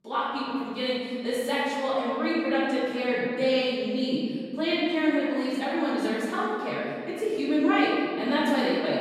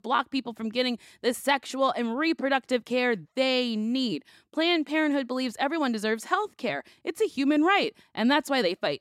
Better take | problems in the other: second | room echo; strong; dies away in 2.5 s // off-mic speech; far

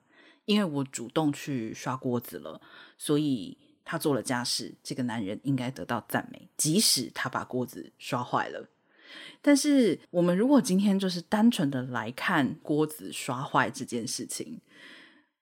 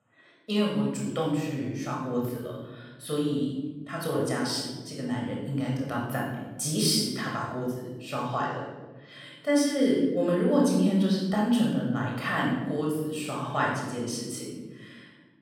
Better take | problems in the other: first | off-mic speech; far // room echo; noticeable; dies away in 1.3 s

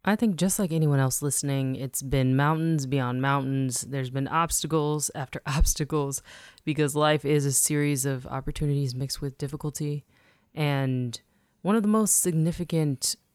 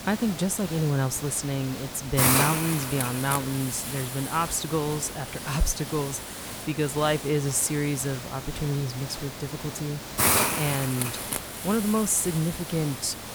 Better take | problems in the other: first | hiss; loud; throughout; 2 dB below the speech

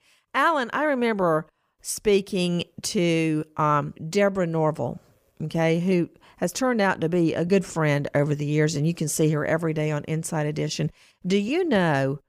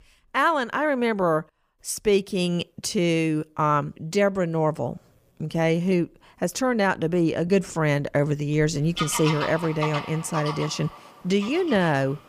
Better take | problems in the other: first | animal sounds; loud; throughout; 9 dB below the speech

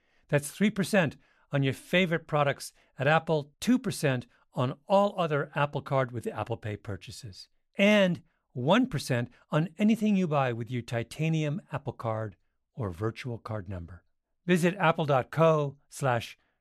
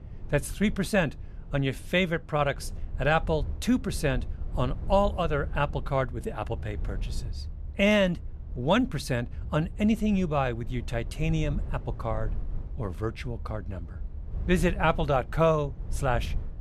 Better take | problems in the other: first | low rumble; faint; throughout; 25 dB below the speech

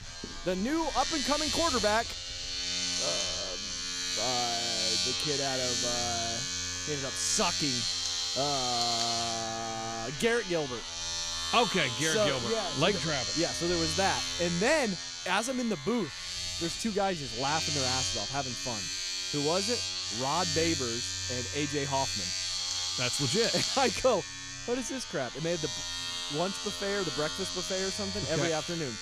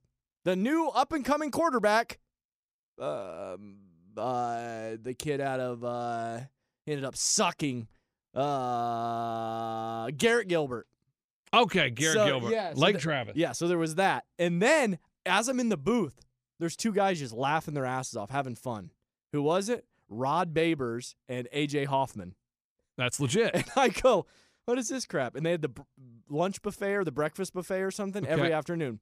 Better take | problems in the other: second | household noises; very loud; throughout; 1 dB above the speech

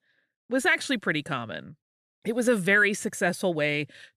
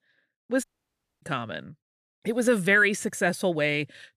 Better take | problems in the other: first | audio cutting out; at 0.5 s for 0.5 s

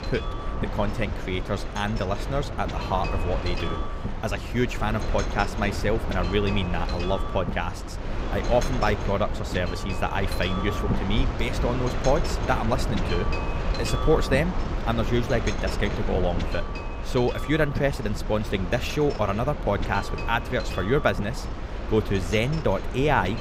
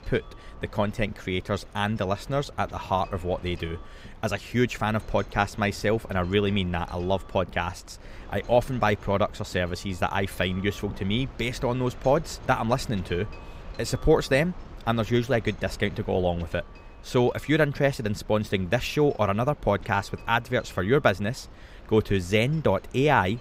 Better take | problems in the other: second | wind noise on the microphone; heavy; 6 dB below the speech; occasional gusts in the second

